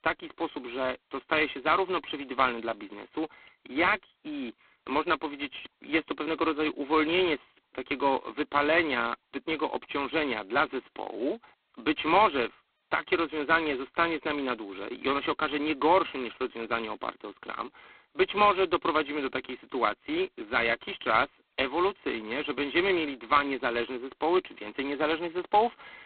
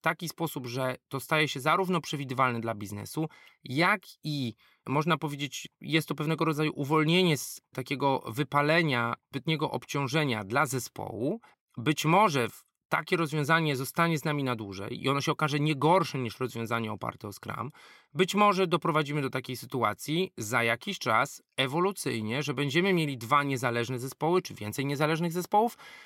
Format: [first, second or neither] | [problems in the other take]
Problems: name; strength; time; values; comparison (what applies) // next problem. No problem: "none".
second | phone-call audio; poor line; nothing above 4 kHz